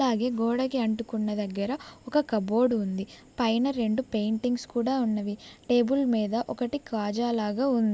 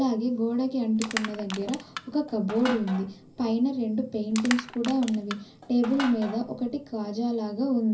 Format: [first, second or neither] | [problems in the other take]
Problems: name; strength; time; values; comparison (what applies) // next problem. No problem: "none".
first | background sound (Crushing); 11 dB below the speech // room echo; dies away in 0.5 s